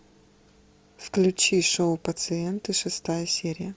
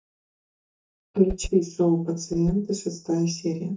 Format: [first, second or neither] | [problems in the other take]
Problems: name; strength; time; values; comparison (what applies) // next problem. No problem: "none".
first | noise reduction (neural mask model DeepFilterNet 3)